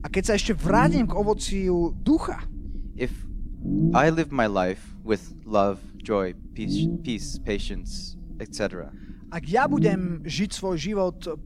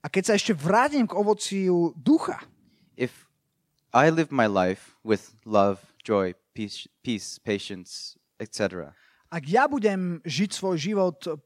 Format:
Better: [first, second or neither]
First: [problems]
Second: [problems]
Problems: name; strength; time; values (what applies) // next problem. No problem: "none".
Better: second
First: low rumble; loud; throughout; 8 dB below the speech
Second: none